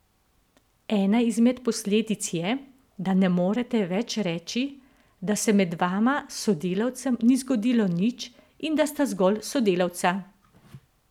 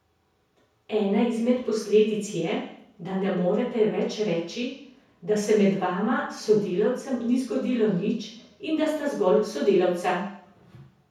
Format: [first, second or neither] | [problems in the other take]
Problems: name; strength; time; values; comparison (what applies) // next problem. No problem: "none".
first | room echo; dies away in 0.6 s